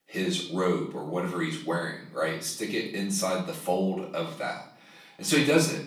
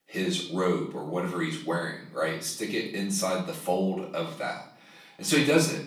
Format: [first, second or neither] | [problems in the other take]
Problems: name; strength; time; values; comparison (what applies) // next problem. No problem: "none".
neither | off-mic speech; far; the same in both // room echo; slight; dies away in 0.5 s; the same in both